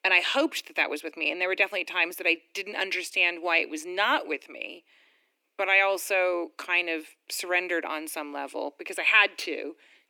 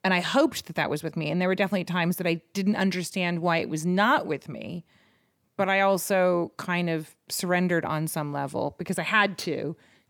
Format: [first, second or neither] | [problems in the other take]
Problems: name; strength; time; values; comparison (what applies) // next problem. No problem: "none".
second | thin; very; fading below 300 Hz